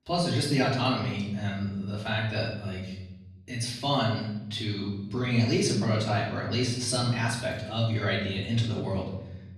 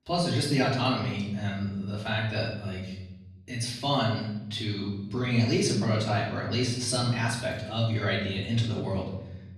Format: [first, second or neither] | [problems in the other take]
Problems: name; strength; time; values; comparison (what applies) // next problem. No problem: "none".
neither | off-mic speech; far; the same in both // room echo; noticeable; dies away in 0.9 s; the same in both